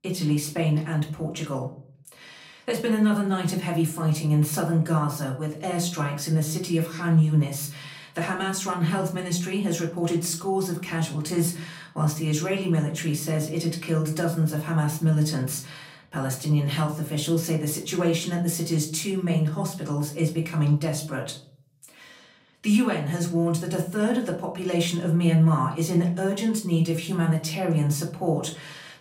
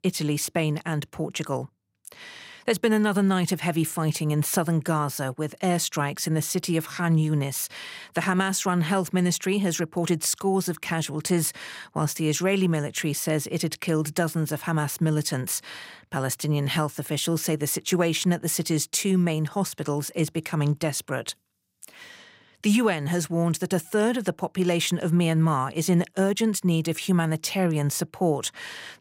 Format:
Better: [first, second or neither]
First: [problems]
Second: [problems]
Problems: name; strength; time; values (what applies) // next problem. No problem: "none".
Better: second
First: off-mic speech; far // room echo; very slight; dies away in 0.4 s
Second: none